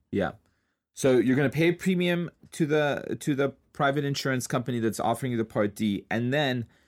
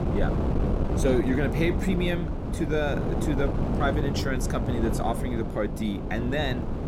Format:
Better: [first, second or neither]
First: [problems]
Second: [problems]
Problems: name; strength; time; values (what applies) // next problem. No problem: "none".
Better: first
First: none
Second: wind noise on the microphone; heavy; 4 dB below the speech